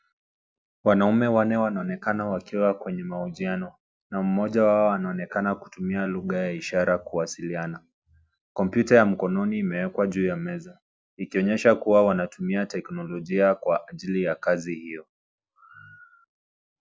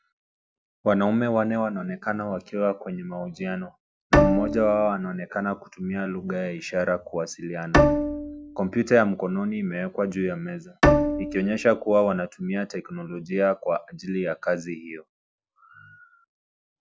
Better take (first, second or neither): first